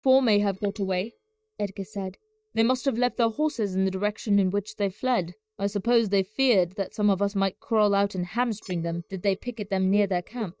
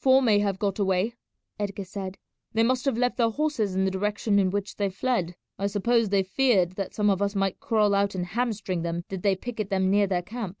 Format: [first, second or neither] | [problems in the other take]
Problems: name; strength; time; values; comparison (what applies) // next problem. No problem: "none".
second | noise reduction (neural mask model DeepFilterNet 3)